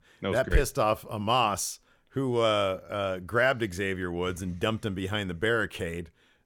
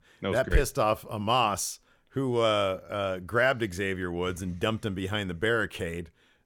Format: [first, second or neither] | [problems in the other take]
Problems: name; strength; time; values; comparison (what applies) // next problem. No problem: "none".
neither | none